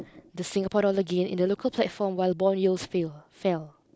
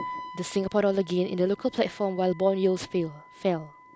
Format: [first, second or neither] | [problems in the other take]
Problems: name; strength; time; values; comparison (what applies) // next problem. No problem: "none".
first | background sound (Wind instrument, woodwind instrument); 17 dB below the speech